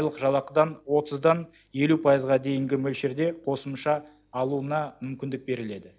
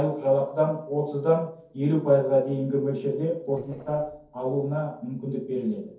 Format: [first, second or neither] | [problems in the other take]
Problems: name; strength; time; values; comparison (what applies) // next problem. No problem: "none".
first | noise reduction (neural separator model SepFormer DNS4)